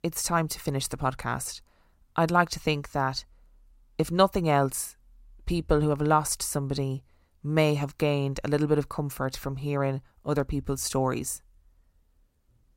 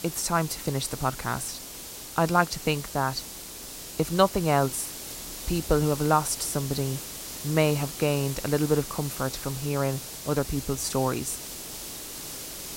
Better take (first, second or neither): first